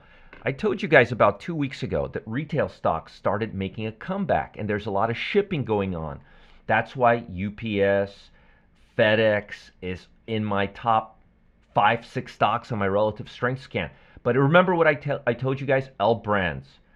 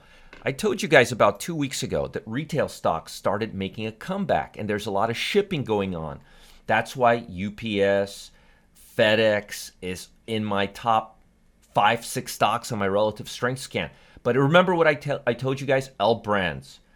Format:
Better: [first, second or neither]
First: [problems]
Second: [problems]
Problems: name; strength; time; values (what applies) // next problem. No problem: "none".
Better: second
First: muffled; slightly; fading above 2.5 kHz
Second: none